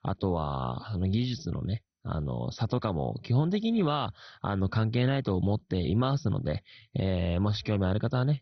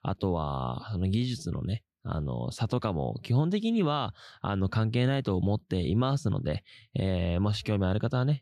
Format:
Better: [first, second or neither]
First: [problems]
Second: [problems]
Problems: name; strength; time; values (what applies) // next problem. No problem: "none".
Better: second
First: garbled, watery; badly; nothing above 6 kHz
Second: none